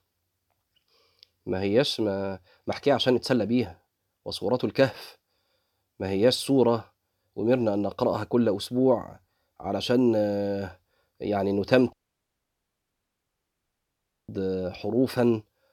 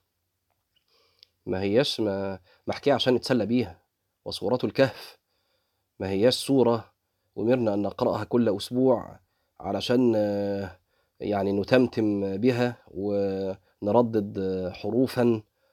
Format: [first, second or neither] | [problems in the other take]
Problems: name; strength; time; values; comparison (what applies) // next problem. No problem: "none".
second | audio cutting out; at 12 s for 2.5 s